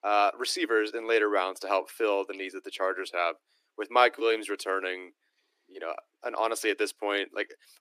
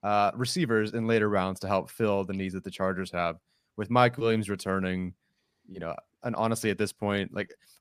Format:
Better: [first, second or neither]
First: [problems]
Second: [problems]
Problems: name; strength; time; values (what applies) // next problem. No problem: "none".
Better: second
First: thin; very; fading below 300 Hz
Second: none